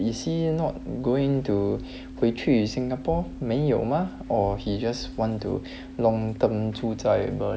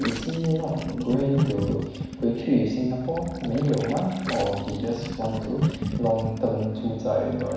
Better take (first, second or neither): first